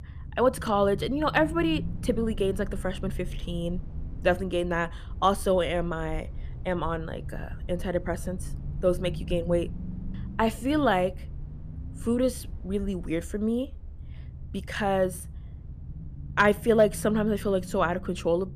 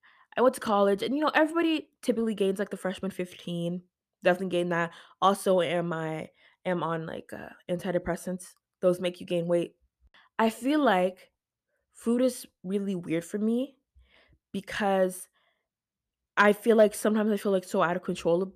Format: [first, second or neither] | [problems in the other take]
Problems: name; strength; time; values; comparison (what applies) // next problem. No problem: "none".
second | low rumble; faint; throughout; 25 dB below the speech